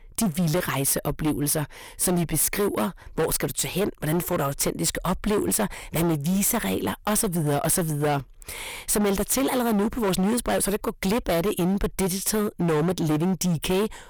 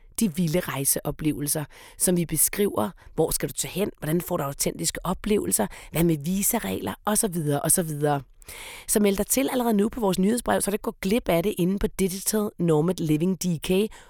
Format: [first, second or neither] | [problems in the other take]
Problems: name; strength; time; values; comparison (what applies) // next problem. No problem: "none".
second | distortion; heavy; 21% of the sound clipped